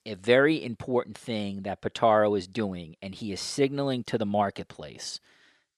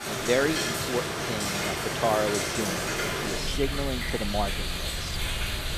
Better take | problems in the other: first | rain or running water; very loud; throughout; 2 dB above the speech

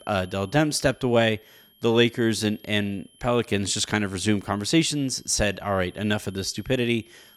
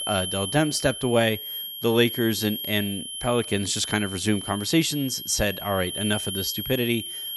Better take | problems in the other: first | high-pitched whine; loud; throughout; 3 kHz, 6 dB below the speech; faint in the first

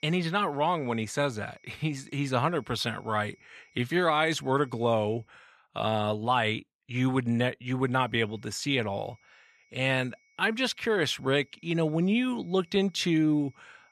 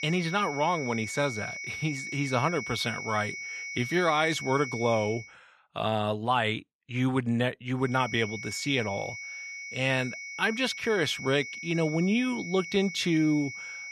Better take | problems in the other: first | high-pitched whine; loud; until 5 s and from 8 s on; 2 kHz, 8 dB below the speech; faint in the first

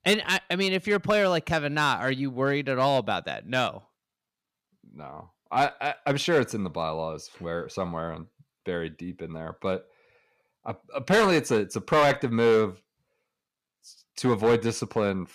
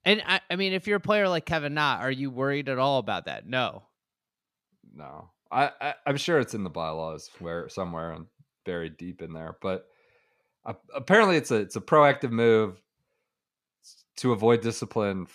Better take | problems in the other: second | distortion; slight; 3% of the sound clipped

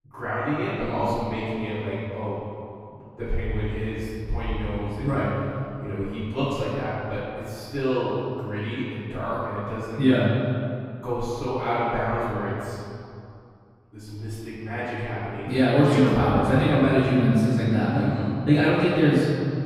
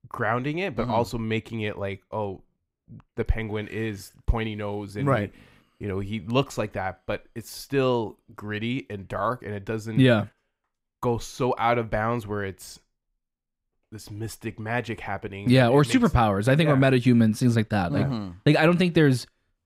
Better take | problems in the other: second | room echo; strong; dies away in 2.4 s // off-mic speech; far

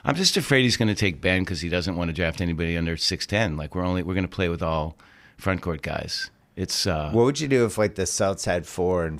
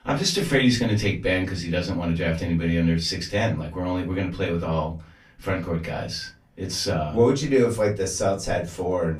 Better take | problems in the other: first | off-mic speech; far // room echo; very slight; dies away in 0.2 s

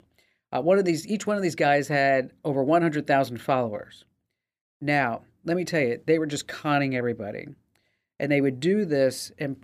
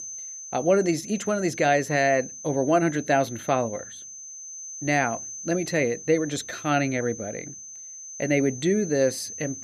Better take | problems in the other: first | high-pitched whine; noticeable; throughout; 6 kHz, 10 dB below the speech

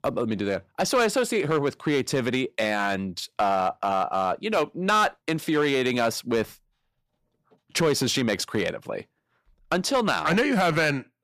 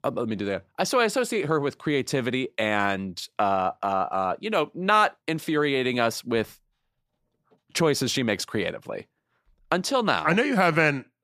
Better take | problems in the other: second | distortion; slight; 3% of the sound clipped

